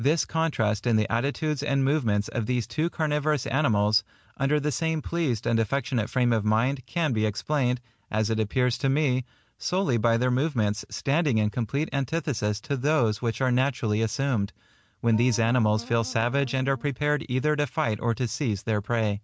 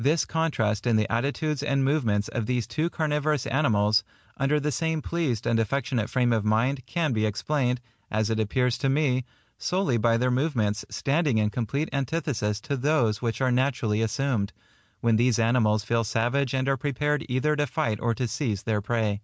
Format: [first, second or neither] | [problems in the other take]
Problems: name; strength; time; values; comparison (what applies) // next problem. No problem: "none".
second | background sound (Wind instrument, woodwind instrument); 20 dB below the speech